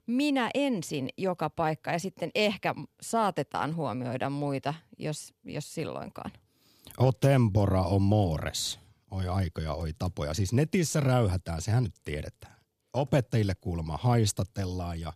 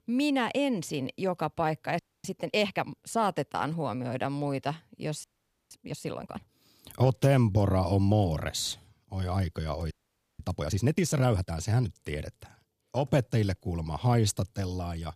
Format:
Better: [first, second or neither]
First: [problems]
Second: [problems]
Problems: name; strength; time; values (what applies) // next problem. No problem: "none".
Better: first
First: none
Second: audio freezing; at 2 s, at 5 s and at 10 s